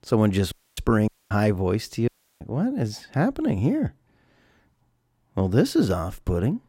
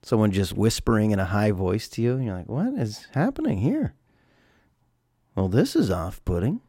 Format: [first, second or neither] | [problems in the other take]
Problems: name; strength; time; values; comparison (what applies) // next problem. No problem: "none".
second | audio cutting out; at 0.5 s, at 1 s and at 2 s